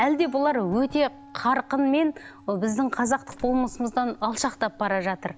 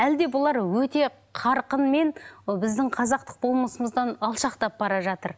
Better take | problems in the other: second | background sound (Doorbell + Wind instrument, woodwind instrument); 20 dB below the speech

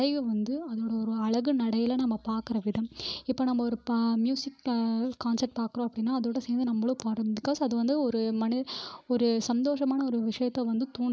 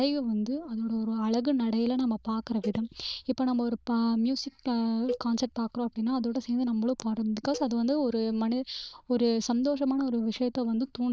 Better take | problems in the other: first | noise reduction (neural diffusion model UNIVERSE++)

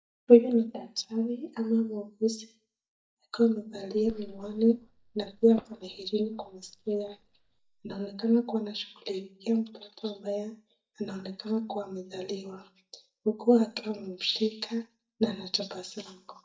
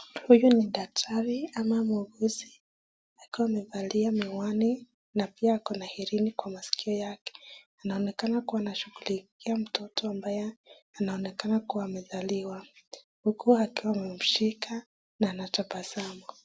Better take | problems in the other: second | noise reduction (neural mask model DeepFilterNet 3)

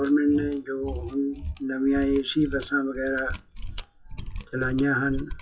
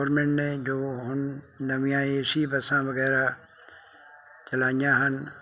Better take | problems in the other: second | noise reduction (classical method WPE with log-MMSE)

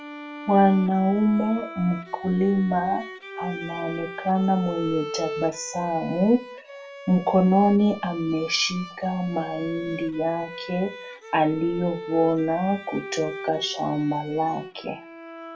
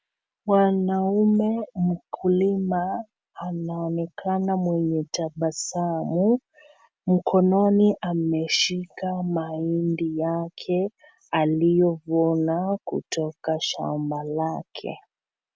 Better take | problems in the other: second | background sound (Bowed string instrument); 13 dB below the speech // room echo; dies away in 0.2 s

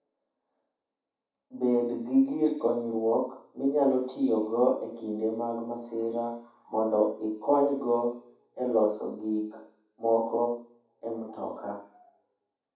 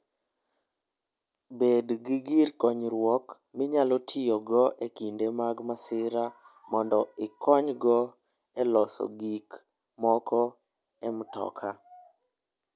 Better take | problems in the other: second | room echo; dies away in 0.7 s

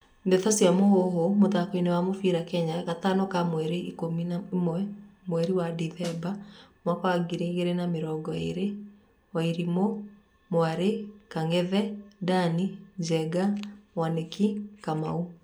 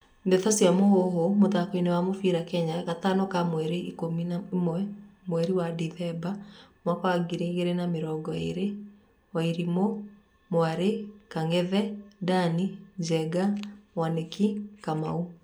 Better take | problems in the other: second | background sound (Snare drum); 16 dB below the speech

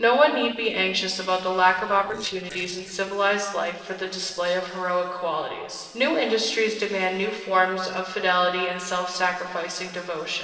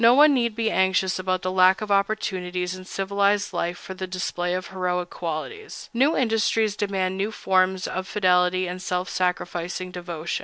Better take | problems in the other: second | noise reduction (neural separator model SepFormer DNS4)

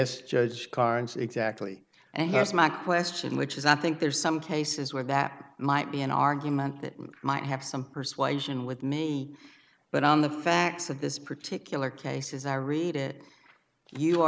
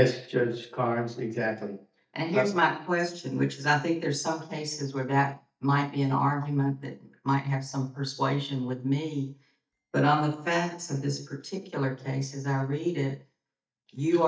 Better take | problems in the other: first | noise reduction (neural mask model DeepFilterNet 3)

